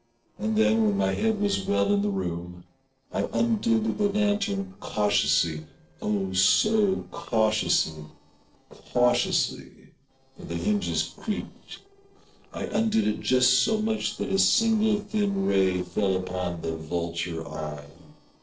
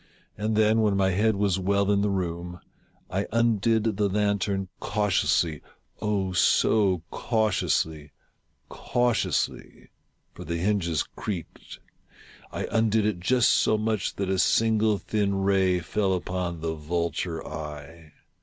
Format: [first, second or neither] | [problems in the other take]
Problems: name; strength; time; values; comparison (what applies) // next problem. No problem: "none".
second | noise reduction (neural separator model SepFormer DNS4)